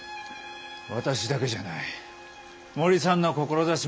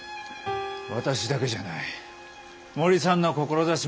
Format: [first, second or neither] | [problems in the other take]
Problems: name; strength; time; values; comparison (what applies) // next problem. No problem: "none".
first | background sound (Piano); 10 dB below the speech